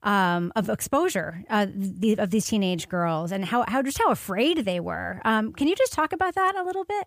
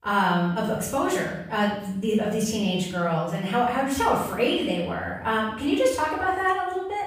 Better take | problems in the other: first | off-mic speech; far // room echo; noticeable; dies away in 0.7 s

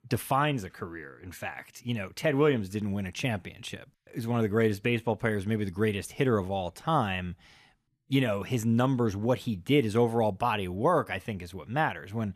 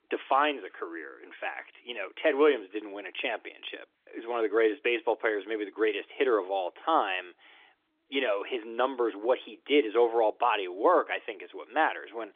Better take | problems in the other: first | phone-call audio; nothing above 3.5 kHz

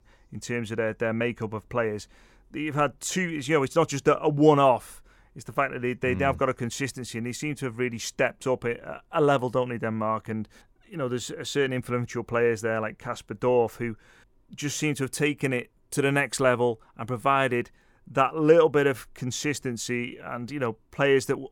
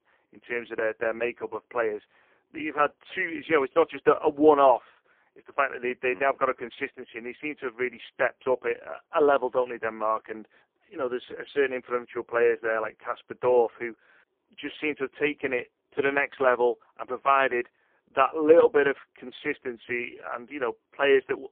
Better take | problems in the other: first | phone-call audio; poor line

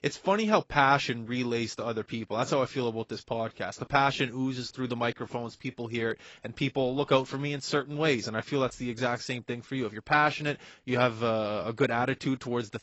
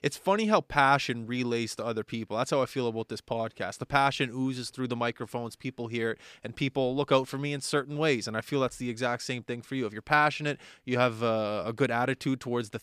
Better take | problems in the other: second | garbled, watery; badly; nothing above 8 kHz

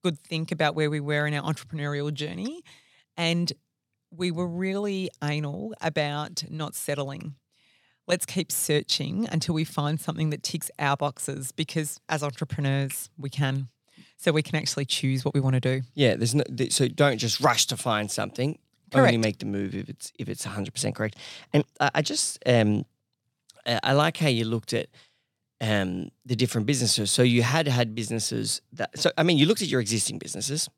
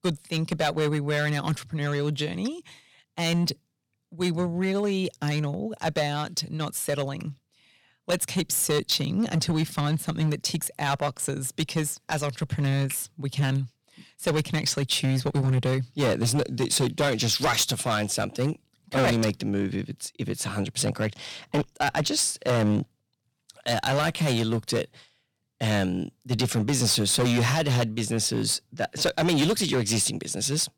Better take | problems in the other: first | distortion; heavy; 8% of the sound clipped

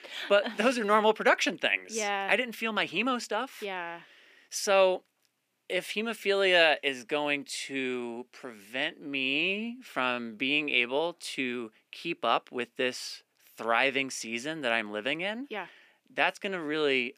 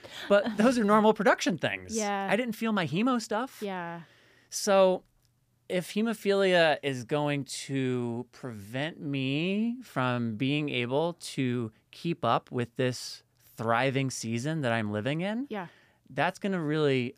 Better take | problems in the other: second | thin; very slightly; fading below 250 Hz

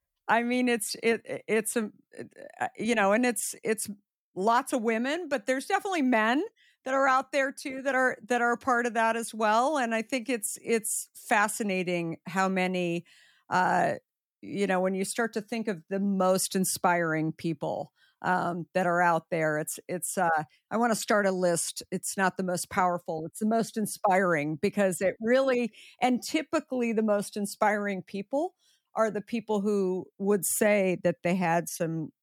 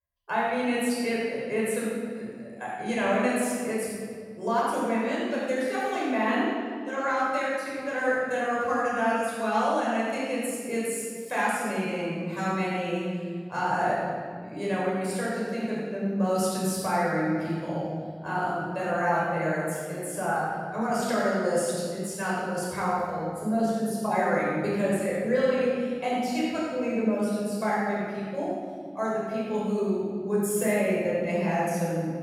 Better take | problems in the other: first | off-mic speech; far // room echo; strong; dies away in 2.1 s

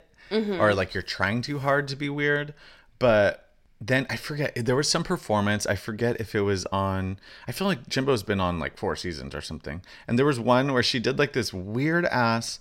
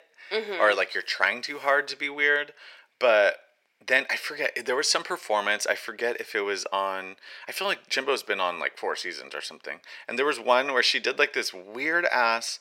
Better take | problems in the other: first | thin; very; fading below 450 Hz

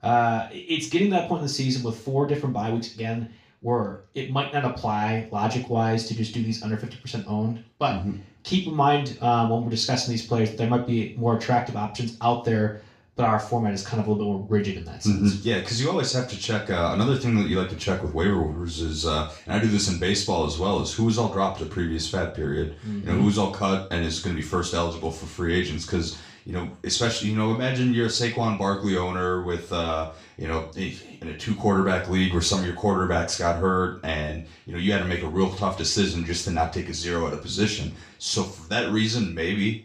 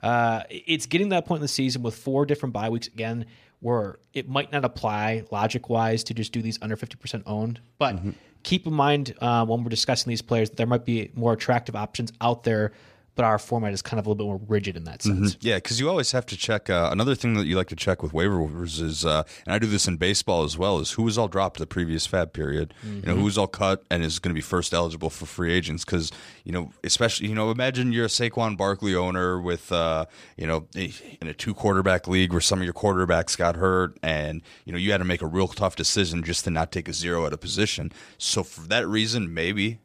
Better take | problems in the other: second | room echo; slight; dies away in 0.4 s // off-mic speech; far

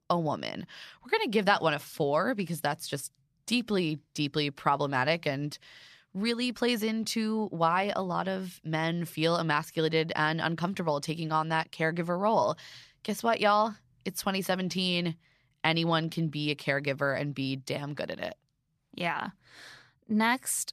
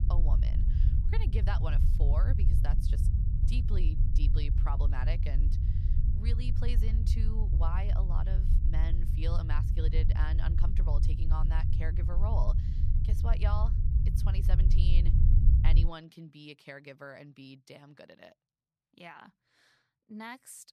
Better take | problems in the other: first | low rumble; loud; until 16 s; 3 dB below the speech

